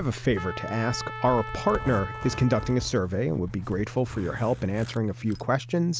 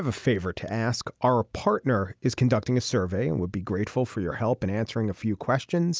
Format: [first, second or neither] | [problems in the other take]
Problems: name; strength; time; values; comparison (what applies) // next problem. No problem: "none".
second | background sound (Zipper (clothing) + Trumpet); 10 dB below the speech